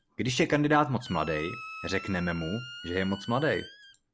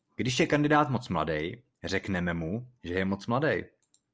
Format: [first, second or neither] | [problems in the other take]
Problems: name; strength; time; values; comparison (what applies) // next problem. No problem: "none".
second | background sound (Squeak); 15 dB below the speech